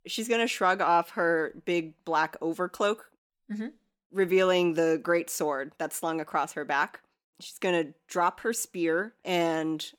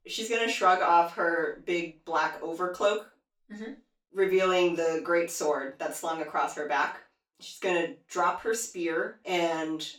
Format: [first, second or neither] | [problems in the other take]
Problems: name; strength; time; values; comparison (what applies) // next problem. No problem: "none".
first | room echo; slight; dies away in 0.3 s // off-mic speech; far